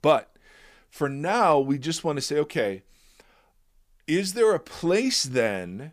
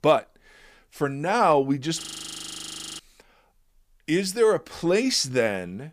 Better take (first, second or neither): first